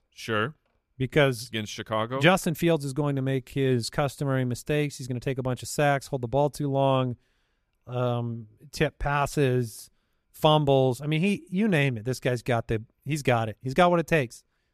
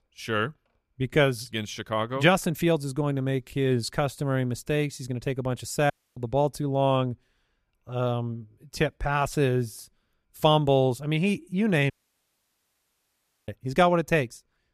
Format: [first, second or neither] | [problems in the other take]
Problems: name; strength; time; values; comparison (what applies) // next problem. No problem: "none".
first | audio cutting out; at 6 s and at 12 s for 1.5 s